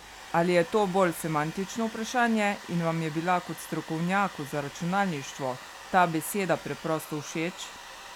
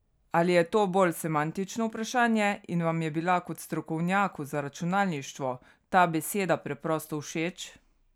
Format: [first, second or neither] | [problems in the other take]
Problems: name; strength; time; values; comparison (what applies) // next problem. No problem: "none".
second | background sound (Domestic sounds, home sounds); 15 dB below the speech